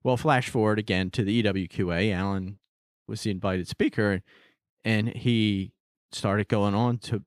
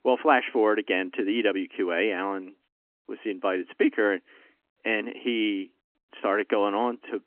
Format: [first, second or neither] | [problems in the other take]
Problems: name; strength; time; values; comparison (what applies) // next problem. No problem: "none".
first | phone-call audio; nothing above 3 kHz